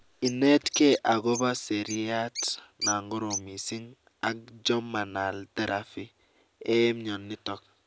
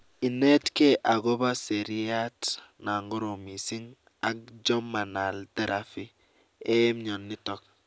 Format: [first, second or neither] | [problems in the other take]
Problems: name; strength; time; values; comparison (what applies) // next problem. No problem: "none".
second | background sound (Bird); 9 dB below the speech